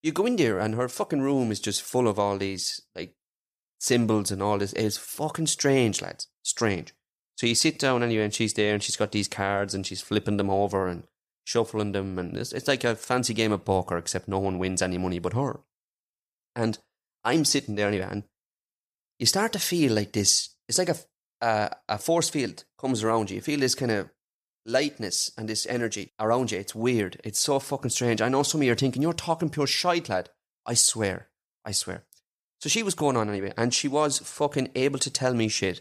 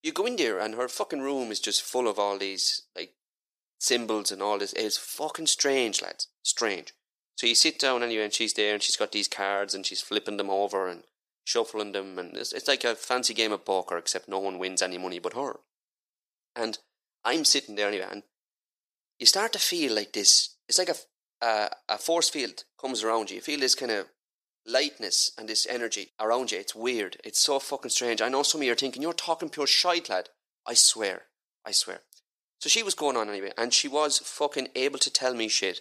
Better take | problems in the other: first | thin; somewhat; fading below 350 Hz

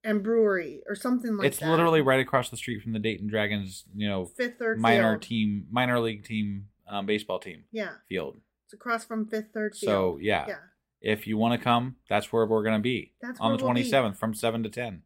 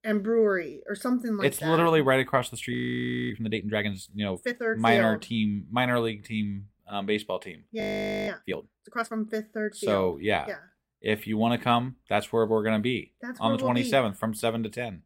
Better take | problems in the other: first | audio freezing; at 2.5 s for 0.5 s and at 8 s

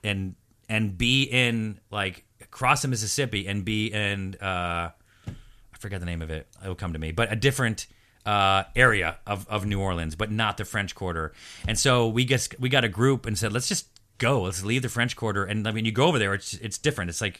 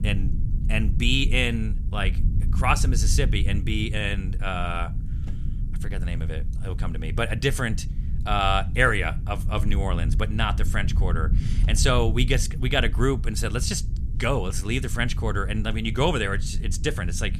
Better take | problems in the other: first | low rumble; noticeable; throughout; 15 dB below the speech

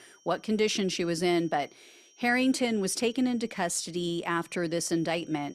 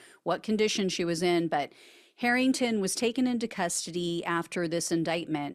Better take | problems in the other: second | high-pitched whine; faint; throughout; 5.5 kHz, 30 dB below the speech

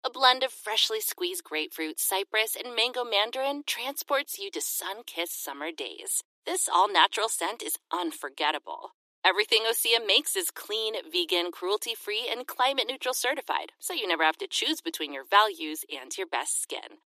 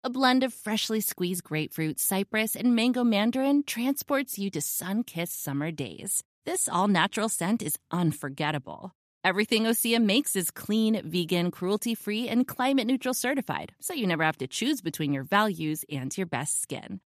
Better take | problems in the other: second | thin; very; fading below 300 Hz

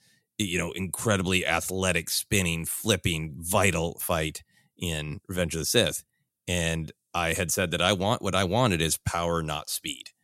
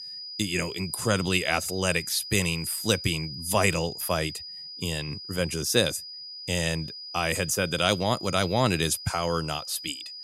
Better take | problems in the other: first | high-pitched whine; noticeable; throughout; 5 kHz, 10 dB below the speech

